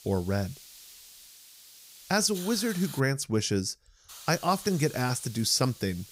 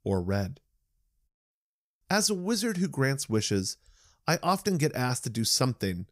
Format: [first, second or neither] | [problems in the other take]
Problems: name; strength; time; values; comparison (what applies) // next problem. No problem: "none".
second | hiss; noticeable; until 3 s and from 4 s on; 15 dB below the speech